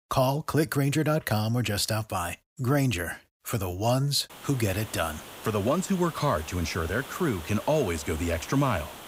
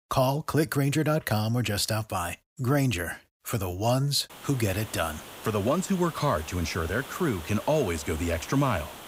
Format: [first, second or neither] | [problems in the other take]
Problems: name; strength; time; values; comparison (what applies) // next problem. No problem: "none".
neither | hiss; noticeable; from 4.5 s on; 15 dB below the speech; the same in both